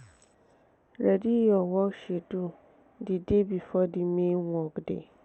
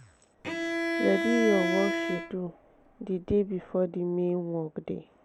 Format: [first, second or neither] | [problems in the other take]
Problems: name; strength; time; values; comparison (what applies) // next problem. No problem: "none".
first | background sound (Bowed string instrument); 2 dB below the speech